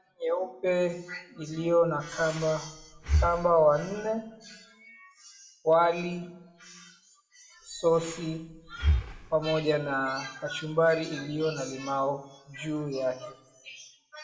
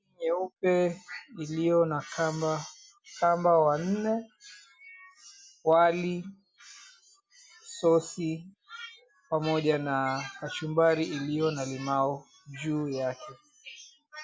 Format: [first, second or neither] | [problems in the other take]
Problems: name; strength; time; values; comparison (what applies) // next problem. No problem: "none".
second | background sound (Breathing); 4 dB below the speech // room echo; dies away in 0.6 s